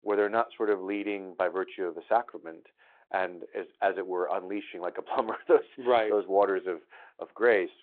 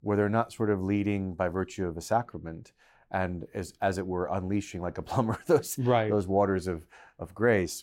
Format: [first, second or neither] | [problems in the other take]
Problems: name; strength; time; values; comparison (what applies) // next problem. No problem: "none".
second | phone-call audio